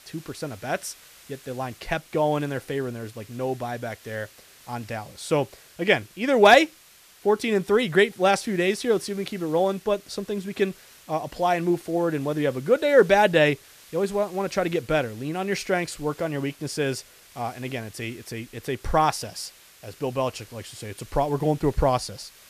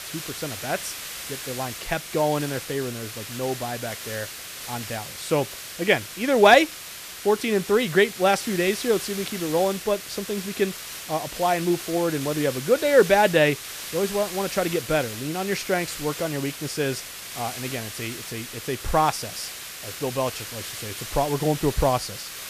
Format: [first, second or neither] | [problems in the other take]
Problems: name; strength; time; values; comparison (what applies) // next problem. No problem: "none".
first | hiss; loud; throughout; 9 dB below the speech; faint in the first